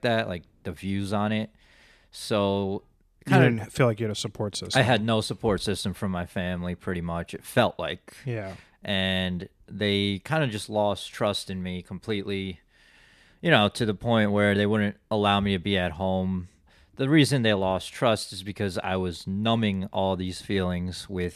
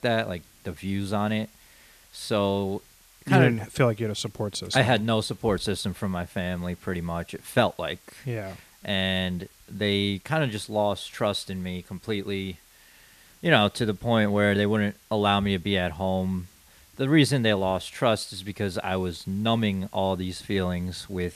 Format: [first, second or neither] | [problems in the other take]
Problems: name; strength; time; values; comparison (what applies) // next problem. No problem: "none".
first | hiss; faint; throughout; 30 dB below the speech